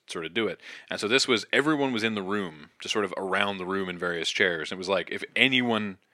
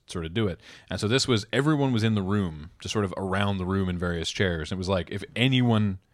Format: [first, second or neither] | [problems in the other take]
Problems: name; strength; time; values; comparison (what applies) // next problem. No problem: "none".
second | thin; somewhat; fading below 300 Hz